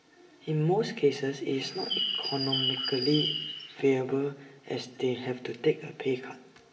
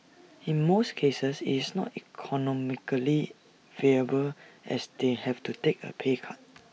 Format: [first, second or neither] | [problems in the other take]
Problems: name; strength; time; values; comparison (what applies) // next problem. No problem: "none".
second | background sound (Bird); 2 dB below the speech // room echo; dies away in 0.9 s